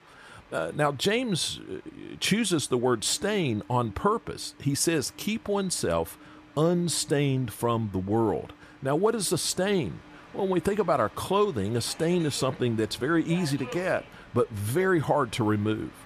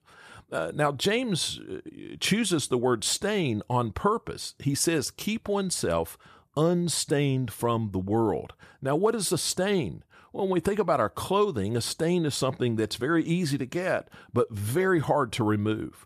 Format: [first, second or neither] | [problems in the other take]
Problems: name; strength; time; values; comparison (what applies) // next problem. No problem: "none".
second | train or aircraft noise; faint; throughout; 20 dB below the speech